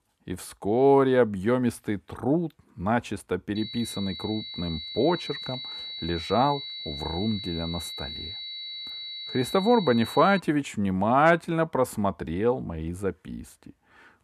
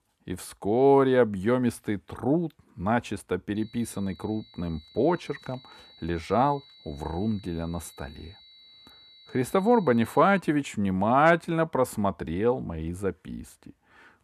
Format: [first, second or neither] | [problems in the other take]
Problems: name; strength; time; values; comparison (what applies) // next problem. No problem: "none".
second | high-pitched whine; loud; from 3.5 to 10 s; 4 kHz, 9 dB below the speech; faint in the second